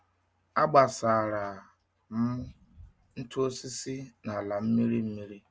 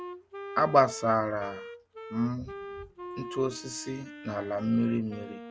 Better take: first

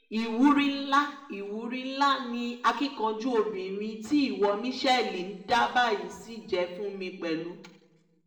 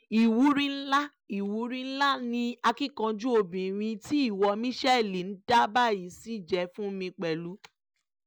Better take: second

